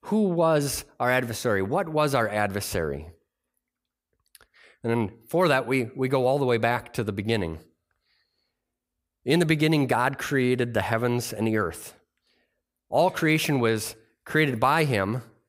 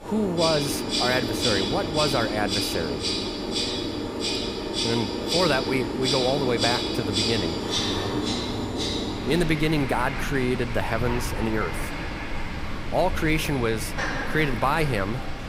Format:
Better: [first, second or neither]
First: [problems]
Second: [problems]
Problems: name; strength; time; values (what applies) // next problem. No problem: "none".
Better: first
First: none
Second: animal sounds; loud; throughout; 1 dB below the speech